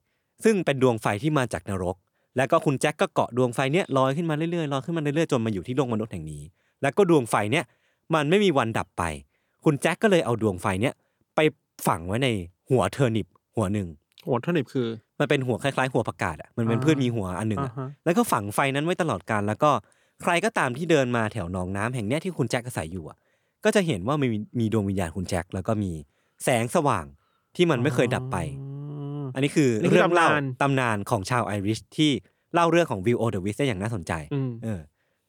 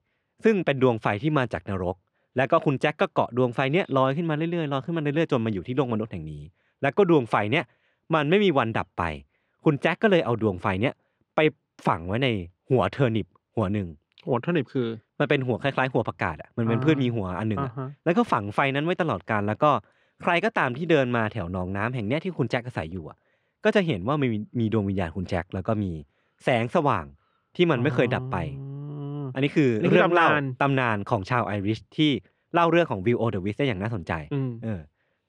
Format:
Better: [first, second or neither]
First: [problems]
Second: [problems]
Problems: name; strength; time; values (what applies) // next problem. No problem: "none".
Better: first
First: none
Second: muffled; slightly; fading above 3 kHz